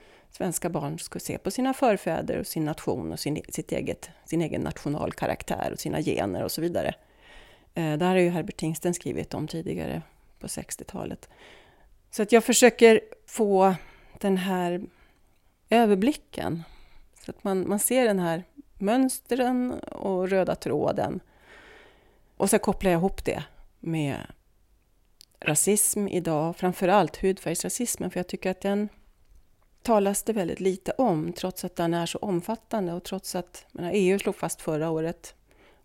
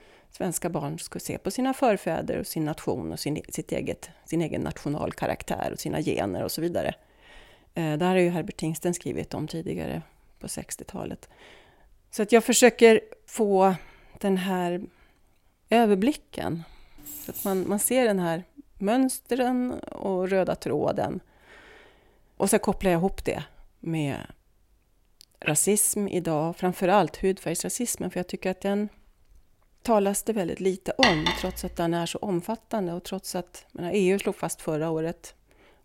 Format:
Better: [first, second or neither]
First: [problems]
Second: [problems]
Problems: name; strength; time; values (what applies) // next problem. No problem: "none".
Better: first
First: none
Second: jangling keys; noticeable; at 17 s; peak 9 dB below the speech // clattering dishes; loud; at 31 s; peak 4 dB above the speech